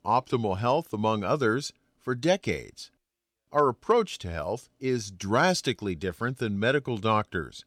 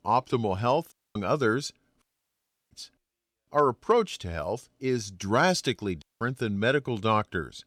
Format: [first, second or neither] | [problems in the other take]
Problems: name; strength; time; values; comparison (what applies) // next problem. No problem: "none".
first | audio cutting out; at 1 s, at 2 s for 0.5 s and at 6 s